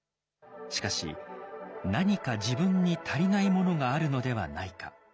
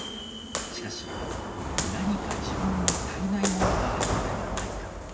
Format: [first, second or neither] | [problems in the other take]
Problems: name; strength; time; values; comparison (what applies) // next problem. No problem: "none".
first | background sound (Walk, footsteps); 4 dB above the speech // room echo; dies away in 0.2 s